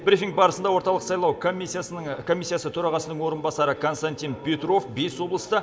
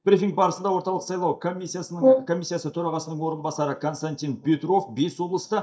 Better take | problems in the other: first | noise reduction (neural mask model DeepFilterNet 3)

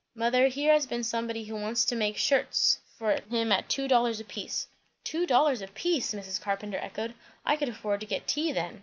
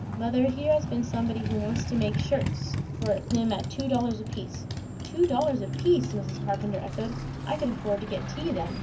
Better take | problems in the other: first | background sound (Motorcycle); 4 dB below the speech // room echo; dies away in 0.3 s

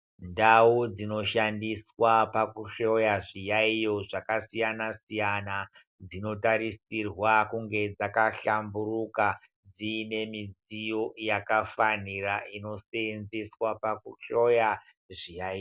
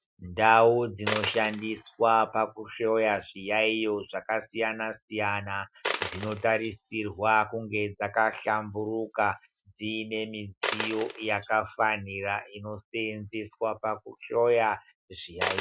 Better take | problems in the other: first | noise reduction (classical method Wiener filter)

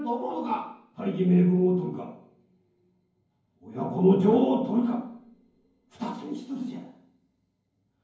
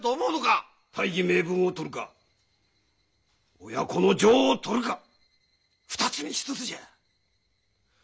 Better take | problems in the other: second | room echo; dies away in 0.9 s

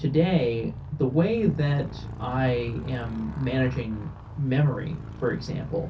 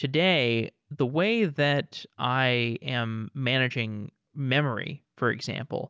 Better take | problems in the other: second | background sound (Motorcycle); 12 dB below the speech // room echo; dies away in 0.3 s

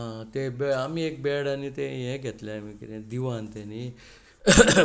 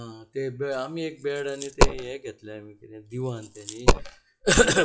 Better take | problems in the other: first | noise reduction (classical method WPE with log-MMSE)

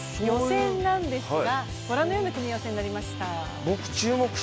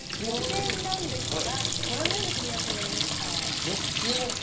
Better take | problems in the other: first | background sound (Sink (filling or washing) / Water tap, faucet); 5 dB above the speech // room echo; dies away in 0.3 s

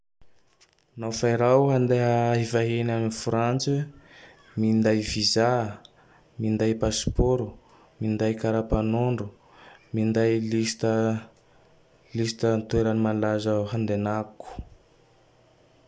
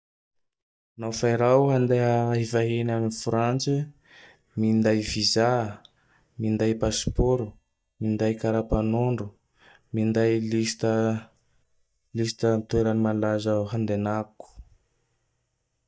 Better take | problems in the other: first | noise reduction (neural mask model DeepFilterNet 3)

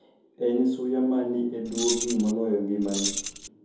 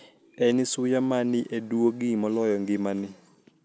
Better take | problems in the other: second | background sound (Keys jangling); 5 dB below the speech // room echo; dies away in 2.6 s

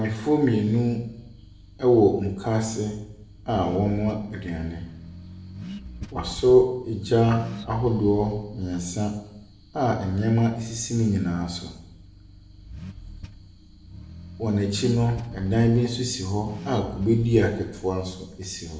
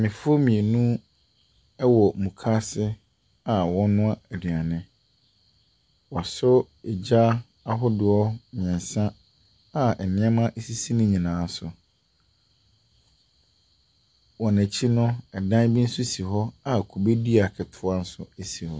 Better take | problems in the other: second | background sound (Accelerating, revving, vroom / Car); 16 dB below the speech // room echo; dies away in 0.8 s

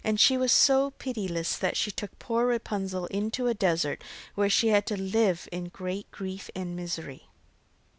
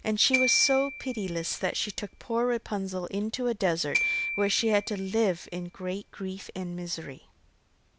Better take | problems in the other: first | background sound (Glockenspiel); 7 dB below the speech

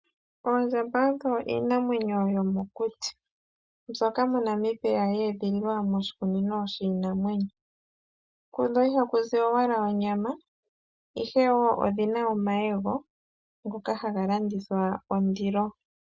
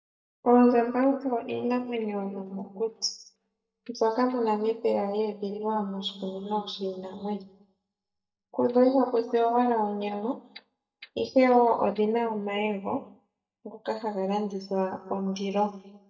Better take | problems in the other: first | noise reduction (neural mask model DeepFilterNet 3)

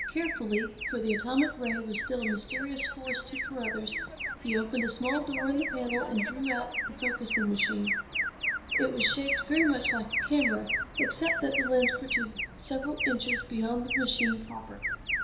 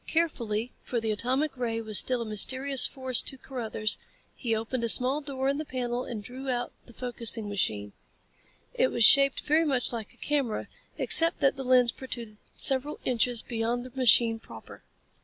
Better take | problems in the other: second | background sound (Alarm); 2 dB below the speech // room echo; dies away in 0.7 s

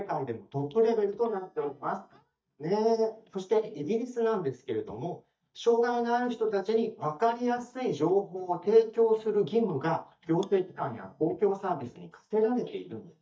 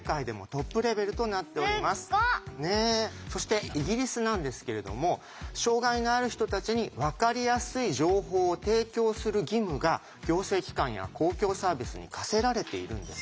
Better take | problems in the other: second | noise reduction (neural mask model DeepFilterNet 3)

